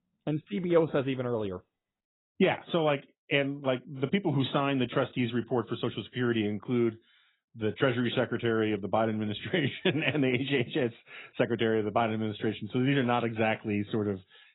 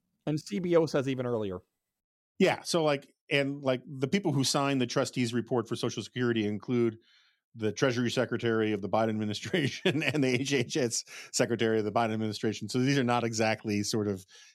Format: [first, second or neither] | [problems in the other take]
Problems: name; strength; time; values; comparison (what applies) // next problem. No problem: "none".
second | garbled, watery; badly; nothing above 4 kHz